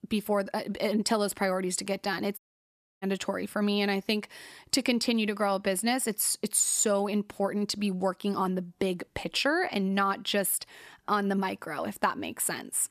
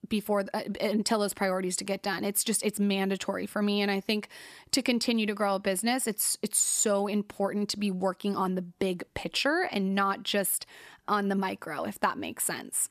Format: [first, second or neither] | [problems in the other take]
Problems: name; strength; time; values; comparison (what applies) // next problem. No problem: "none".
second | audio cutting out; at 2.5 s for 0.5 s